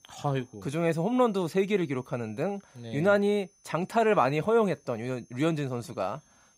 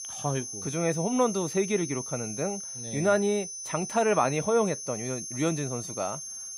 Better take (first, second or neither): first